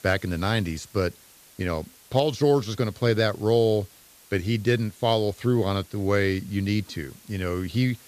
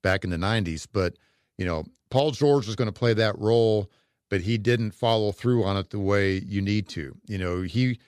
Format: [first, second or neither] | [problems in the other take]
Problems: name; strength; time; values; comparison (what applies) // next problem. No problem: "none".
second | hiss; faint; throughout; 25 dB below the speech